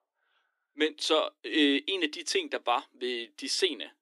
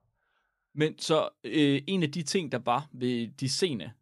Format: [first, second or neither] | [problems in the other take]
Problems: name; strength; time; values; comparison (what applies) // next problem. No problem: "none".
second | thin; very slightly; fading below 300 Hz